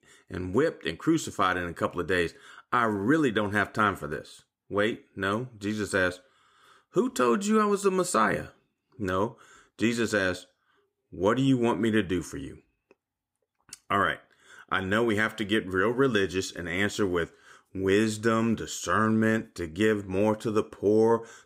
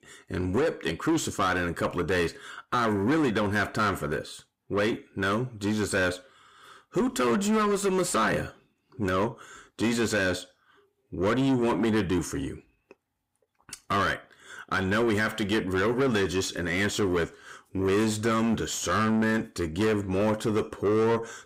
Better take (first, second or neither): first